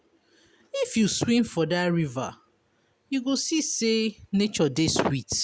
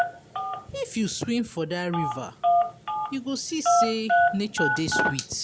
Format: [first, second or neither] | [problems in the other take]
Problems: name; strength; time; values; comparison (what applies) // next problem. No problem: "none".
first | background sound (Telephone); 3 dB above the speech